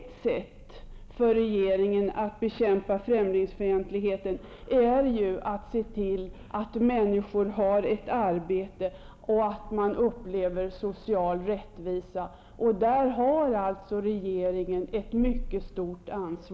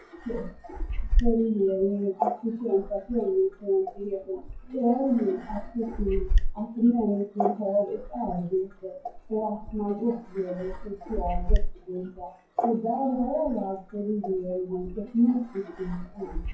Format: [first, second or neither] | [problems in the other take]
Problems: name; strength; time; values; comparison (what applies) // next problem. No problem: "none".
first | noise reduction (classical method WPE with log-MMSE)